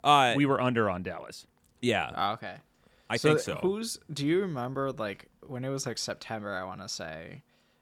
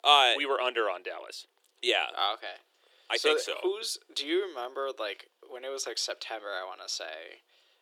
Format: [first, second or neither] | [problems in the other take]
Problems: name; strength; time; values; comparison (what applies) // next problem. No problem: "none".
first | thin; very; fading below 350 Hz